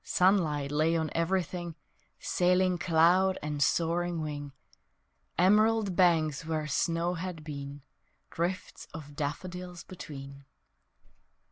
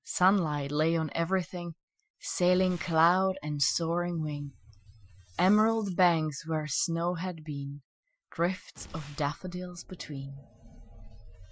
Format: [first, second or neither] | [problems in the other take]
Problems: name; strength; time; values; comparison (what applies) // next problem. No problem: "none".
first | noise reduction (classical method Wiener filter)